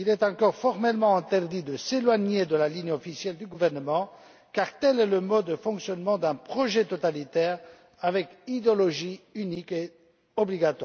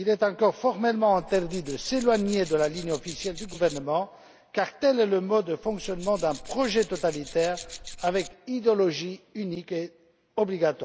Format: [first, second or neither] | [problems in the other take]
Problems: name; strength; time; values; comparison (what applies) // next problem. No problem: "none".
first | background sound (Tools); 15 dB below the speech